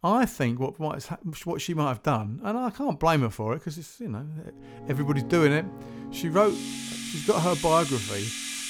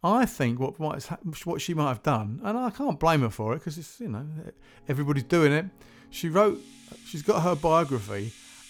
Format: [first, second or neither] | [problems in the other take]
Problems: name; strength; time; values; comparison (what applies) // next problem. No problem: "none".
second | background music; loud; from 4.5 s on; 8 dB below the speech; faint in the second